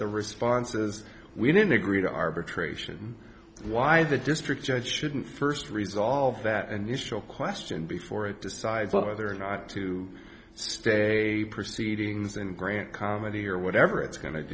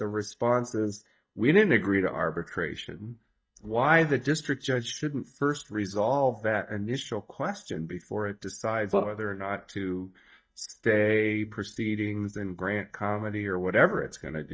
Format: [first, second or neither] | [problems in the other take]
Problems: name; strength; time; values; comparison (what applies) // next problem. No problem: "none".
first | noise reduction (neural mask model DeepFilterNet 3)